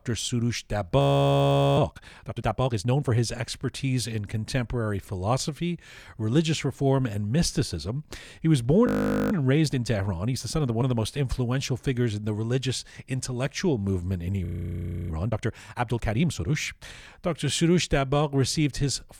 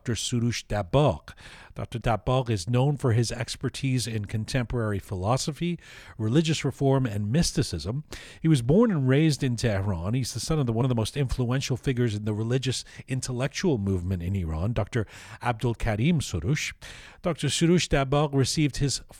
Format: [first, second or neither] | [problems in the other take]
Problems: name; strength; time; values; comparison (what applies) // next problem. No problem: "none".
second | audio freezing; at 1 s for 1 s, at 9 s and at 14 s for 0.5 s